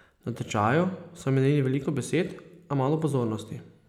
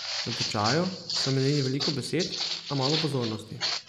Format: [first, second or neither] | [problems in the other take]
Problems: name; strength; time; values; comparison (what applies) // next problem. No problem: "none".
first | background sound (Walk, footsteps); 3 dB below the speech